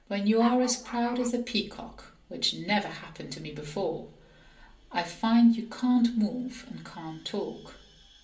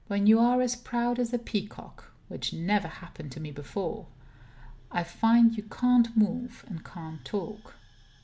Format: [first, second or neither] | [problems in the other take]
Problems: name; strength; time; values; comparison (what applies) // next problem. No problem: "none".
second | background sound (Dog); 13 dB below the speech // room echo; dies away in 0.3 s